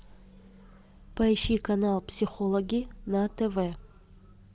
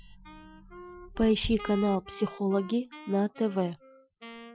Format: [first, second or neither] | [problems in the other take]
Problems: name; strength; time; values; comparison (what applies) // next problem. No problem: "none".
first | noise reduction (classical method Wiener filter)